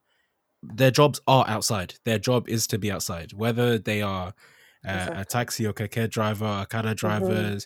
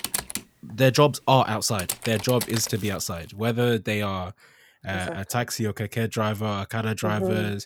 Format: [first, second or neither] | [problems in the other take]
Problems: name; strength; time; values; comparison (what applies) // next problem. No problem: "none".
first | household noises; loud; until 3 s; 8 dB below the speech